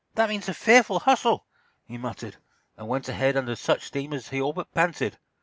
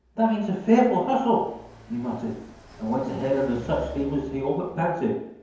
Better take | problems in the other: first | background sound (Car passing by); 20 dB below the speech // room echo; dies away in 0.9 s

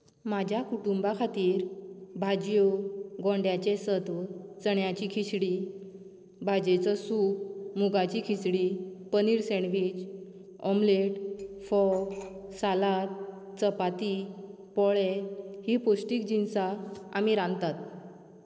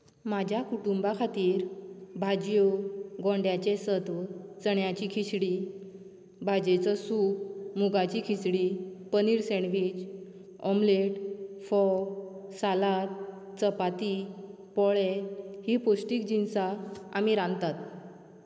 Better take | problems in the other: second | noise reduction (neural separator model SepFormer DNS4)

